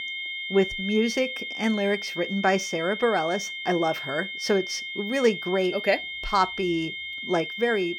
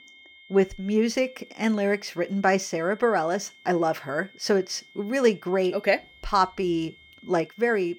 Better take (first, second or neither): second